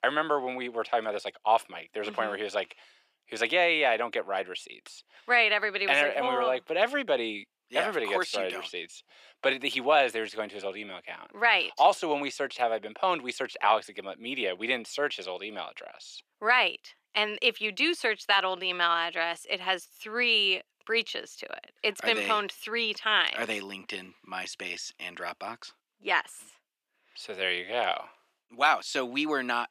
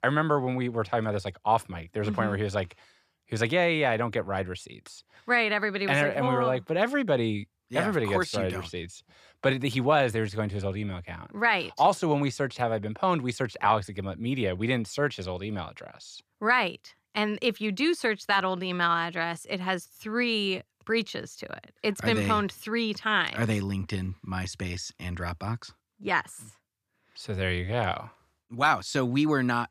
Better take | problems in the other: second | thin; somewhat; fading below 350 Hz

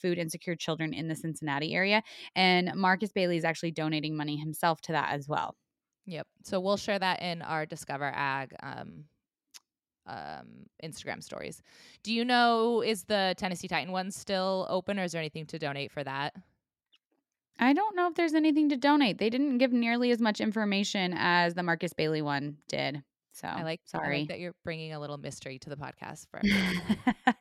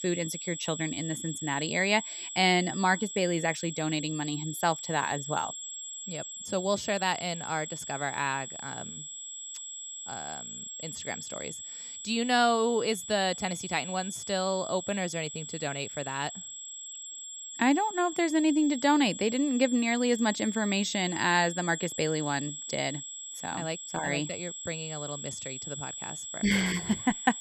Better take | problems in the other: first | high-pitched whine; loud; throughout; 7.5 kHz, 8 dB below the speech

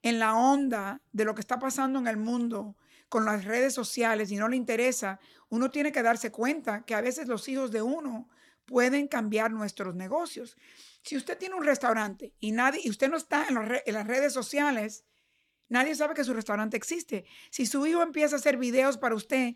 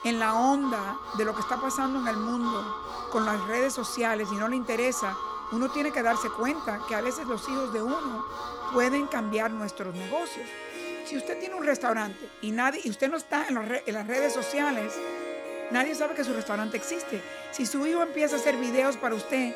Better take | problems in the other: first | background music; loud; throughout; 7 dB below the speech

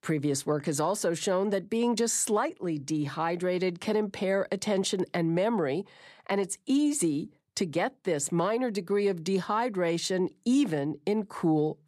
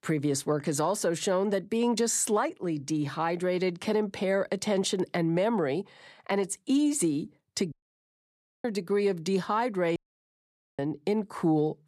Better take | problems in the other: first | audio cutting out; at 7.5 s for 1 s and at 10 s for 1 s

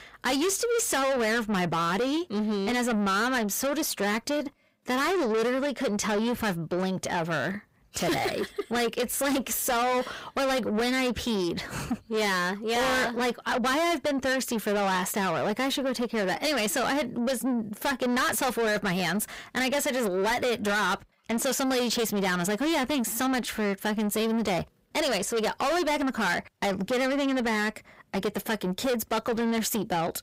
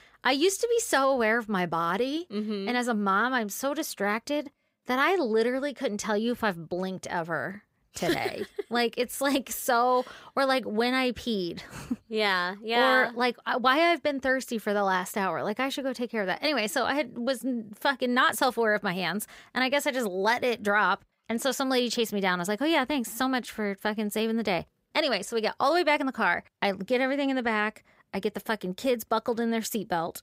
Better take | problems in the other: second | distortion; heavy; 6 dB below the speech

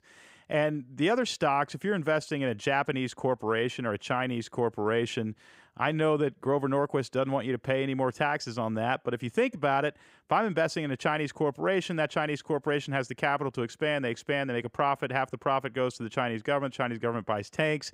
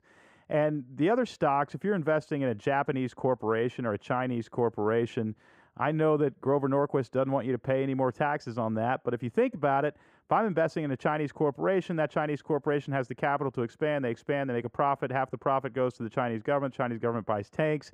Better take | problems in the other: first | muffled; slightly; fading above 2 kHz

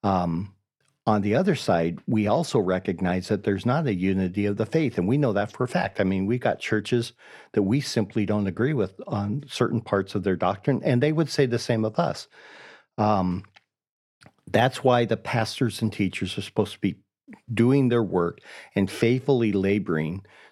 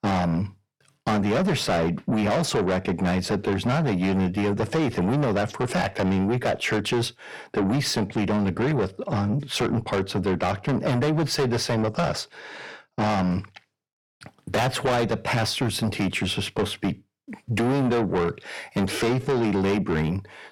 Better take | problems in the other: first | distortion; heavy; 6 dB below the speech

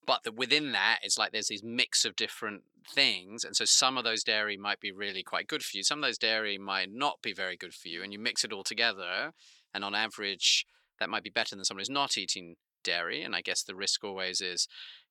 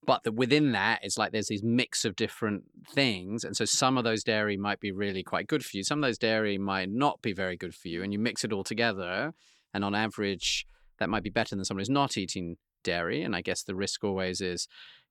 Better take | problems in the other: second | thin; somewhat; fading below 950 Hz

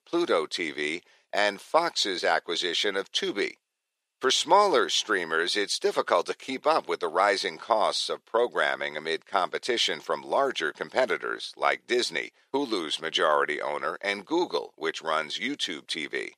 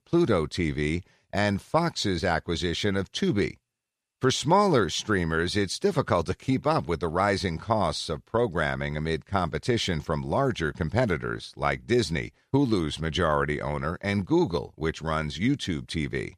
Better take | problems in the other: second | thin; very; fading below 400 Hz

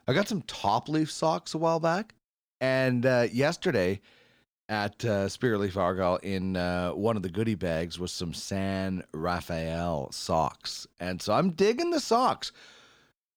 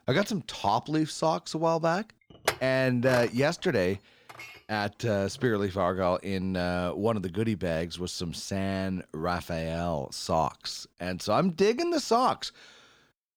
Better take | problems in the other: first | clattering dishes; noticeable; at 2.5 s; peak 3 dB below the speech

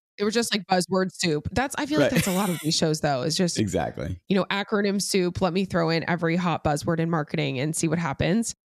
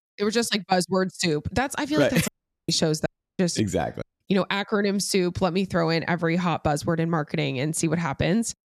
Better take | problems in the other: first | audio cutting out; at 2.5 s, at 3 s and at 4 s

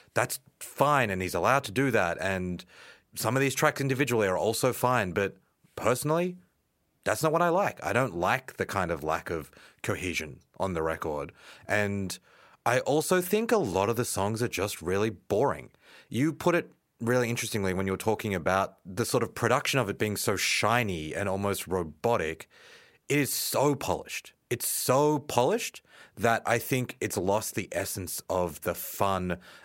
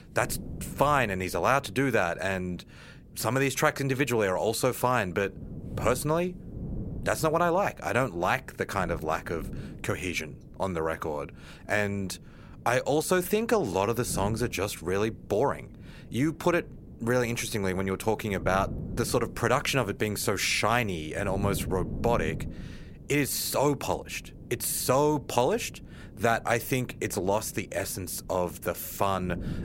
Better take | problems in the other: first | wind noise on the microphone; occasional gusts; 25 dB below the speech

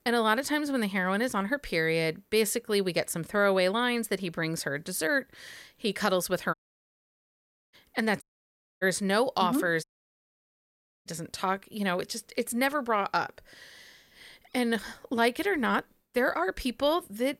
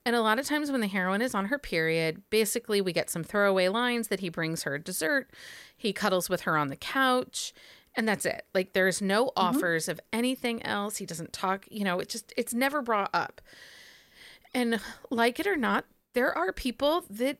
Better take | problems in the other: second | audio cutting out; at 6.5 s for 1 s, at 8 s for 0.5 s and at 10 s for 1 s

